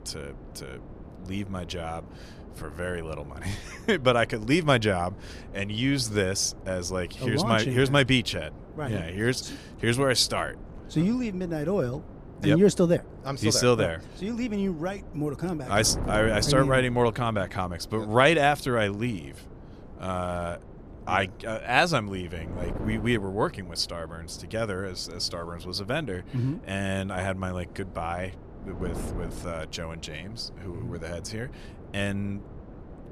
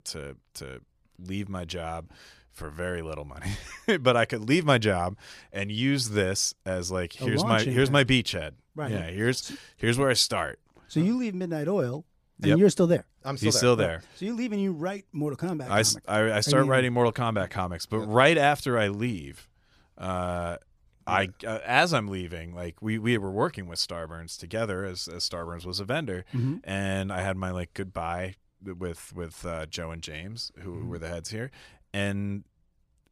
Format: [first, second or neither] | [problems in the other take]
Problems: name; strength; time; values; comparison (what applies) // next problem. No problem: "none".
second | wind noise on the microphone; occasional gusts; 20 dB below the speech